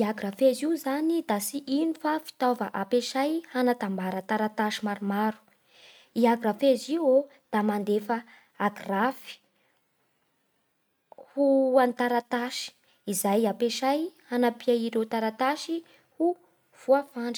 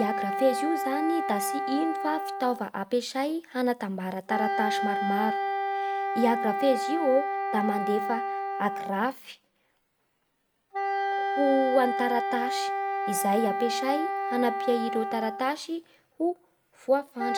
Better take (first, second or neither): first